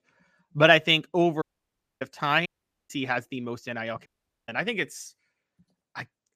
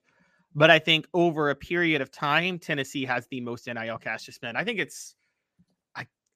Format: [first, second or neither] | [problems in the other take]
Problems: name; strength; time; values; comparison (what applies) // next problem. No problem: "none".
second | audio cutting out; at 1.5 s for 0.5 s, at 2.5 s and at 4 s